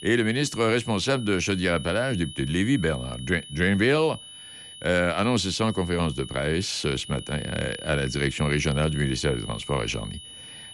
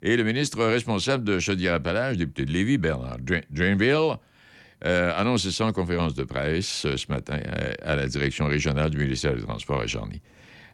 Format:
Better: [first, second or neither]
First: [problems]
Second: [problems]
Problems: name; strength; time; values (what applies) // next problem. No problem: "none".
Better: second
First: high-pitched whine; noticeable; throughout; 3 kHz, 15 dB below the speech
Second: none